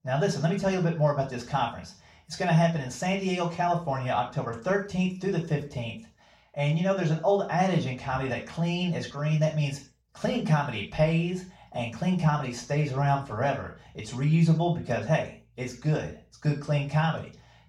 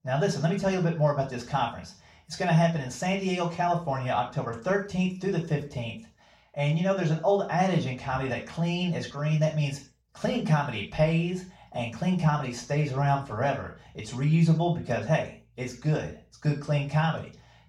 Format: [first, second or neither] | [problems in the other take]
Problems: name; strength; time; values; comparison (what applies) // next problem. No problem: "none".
neither | room echo; slight; dies away in 0.3 s; the same in both // off-mic speech; far; the same in both